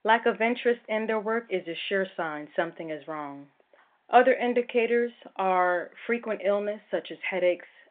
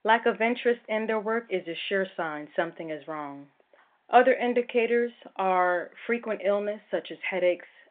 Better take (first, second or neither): neither